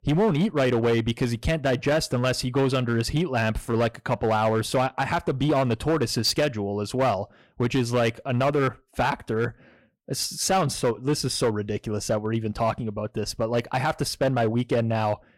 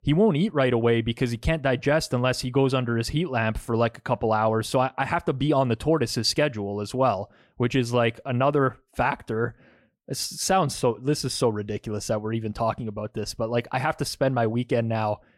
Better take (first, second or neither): second